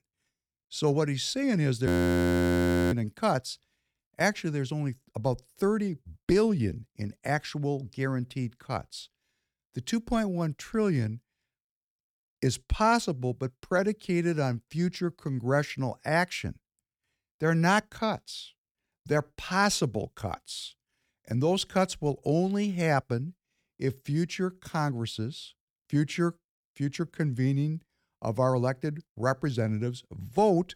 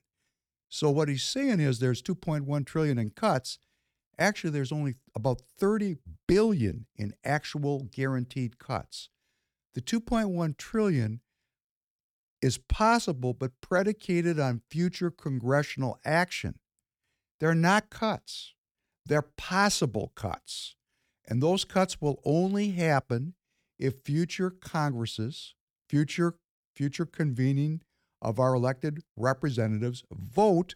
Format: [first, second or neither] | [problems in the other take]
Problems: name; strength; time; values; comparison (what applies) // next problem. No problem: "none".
second | audio freezing; at 2 s for 1 s